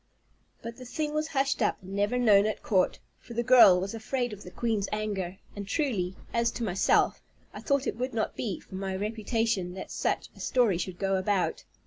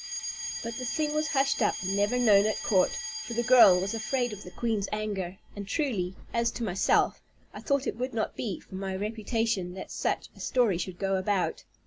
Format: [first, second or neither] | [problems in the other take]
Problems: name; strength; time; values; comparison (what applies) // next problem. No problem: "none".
first | background sound (Alarm); 12 dB below the speech